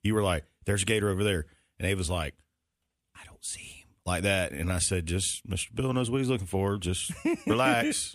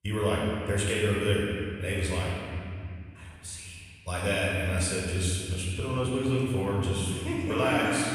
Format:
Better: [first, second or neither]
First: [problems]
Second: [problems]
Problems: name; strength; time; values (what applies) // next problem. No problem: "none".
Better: first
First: none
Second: room echo; strong; dies away in 2.4 s // off-mic speech; far